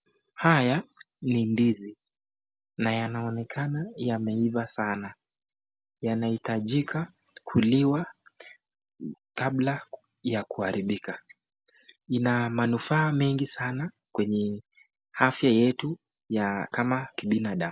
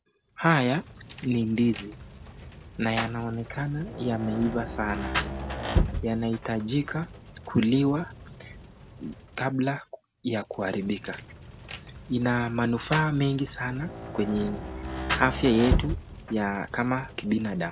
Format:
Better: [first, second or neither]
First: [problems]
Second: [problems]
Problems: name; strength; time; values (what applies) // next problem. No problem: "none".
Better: first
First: none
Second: background sound (Rain); 7 dB below the speech